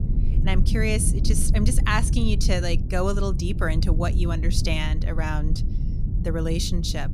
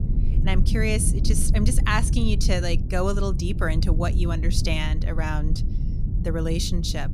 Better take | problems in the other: neither | low rumble; noticeable; throughout; 10 dB below the speech; the same in both

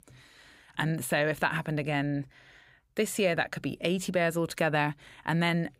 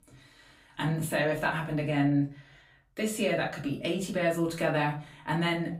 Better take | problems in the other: first | room echo; slight; dies away in 0.3 s // off-mic speech; far

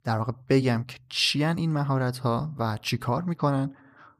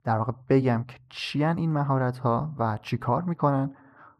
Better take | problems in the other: first | muffled; very; fading above 2.5 kHz

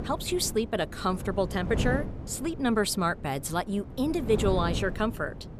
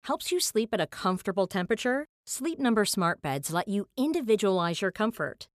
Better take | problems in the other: second | wind noise on the microphone; occasional gusts; 15 dB below the speech

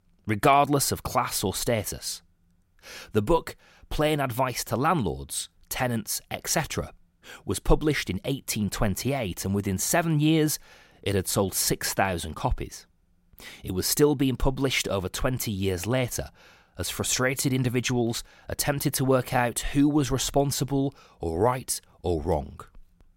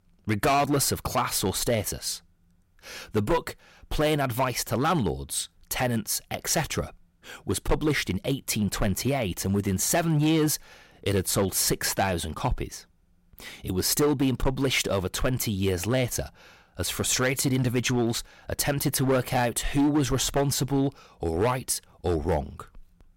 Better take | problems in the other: first | distortion; slight; 6% of the sound clipped

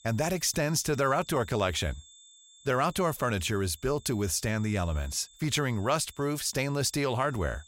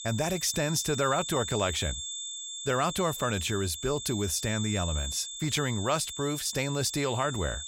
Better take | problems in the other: first | high-pitched whine; loud; throughout; 3.5 kHz, 6 dB below the speech; faint in the first

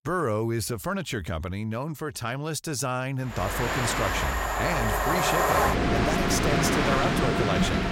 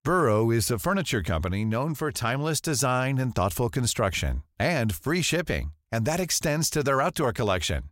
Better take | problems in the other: second | train or aircraft noise; very loud; from 3.5 s on; 5 dB above the speech

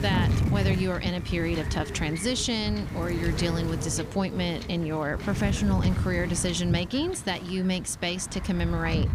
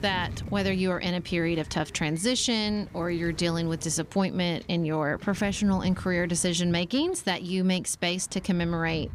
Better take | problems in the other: second | wind noise on the microphone; heavy; 8 dB below the speech; occasional gusts in the second

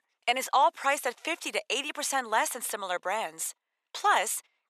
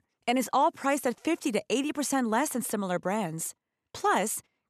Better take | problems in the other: second | thin; very; fading below 700 Hz

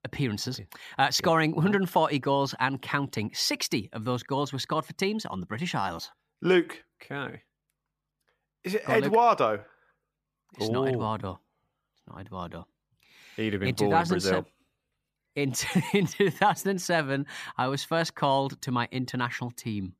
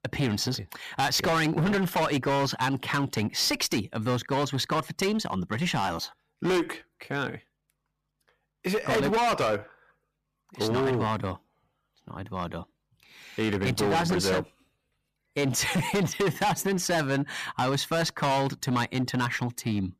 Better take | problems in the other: first | distortion; heavy; 14% of the sound clipped

